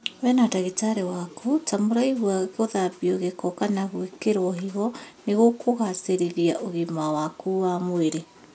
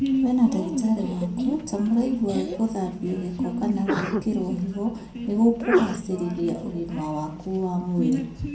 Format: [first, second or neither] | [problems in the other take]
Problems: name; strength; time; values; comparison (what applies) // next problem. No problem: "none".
first | background sound (Sneeze); 3 dB below the speech // room echo; dies away in 0.6 s